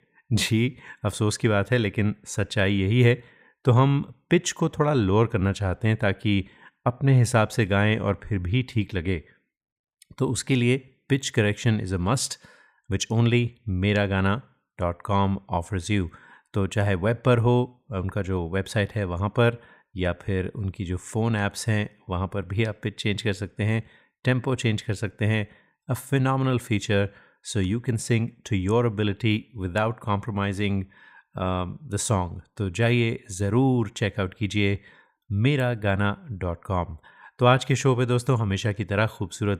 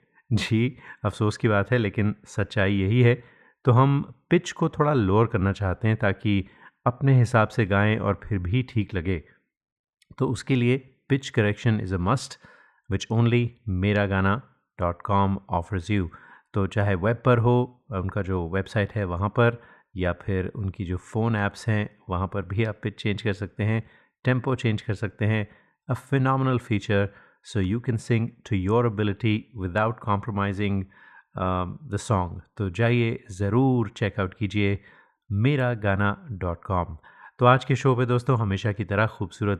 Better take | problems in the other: first | muffled; slightly; fading above 2.5 kHz

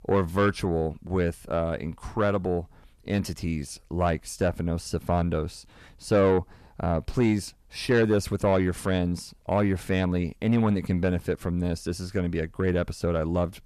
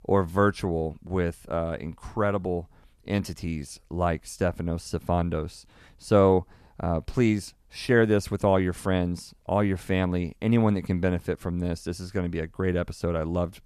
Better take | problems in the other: second | distortion; slight; 10 dB below the speech

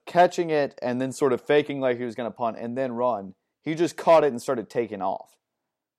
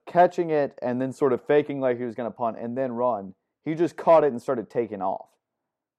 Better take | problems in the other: first | muffled; slightly; fading above 2.5 kHz

